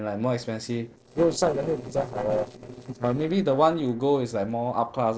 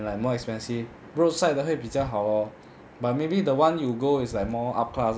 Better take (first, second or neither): second